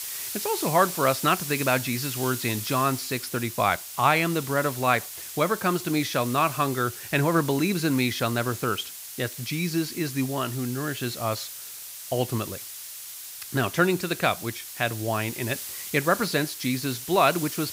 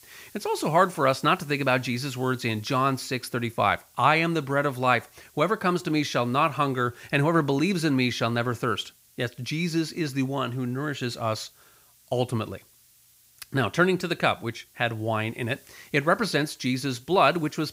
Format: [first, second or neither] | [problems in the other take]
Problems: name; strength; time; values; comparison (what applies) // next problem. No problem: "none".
second | hiss; loud; throughout; 9 dB below the speech; faint in the second